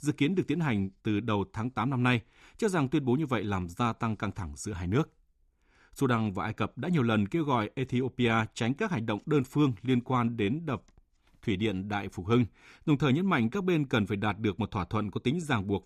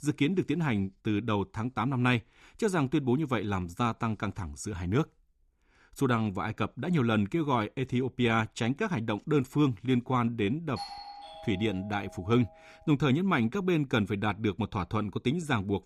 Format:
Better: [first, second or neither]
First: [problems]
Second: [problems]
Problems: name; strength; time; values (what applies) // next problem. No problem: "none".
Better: first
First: none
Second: doorbell; faint; from 11 to 13 s; peak 10 dB below the speech